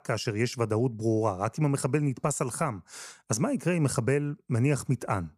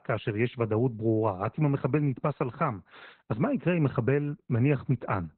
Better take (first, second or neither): first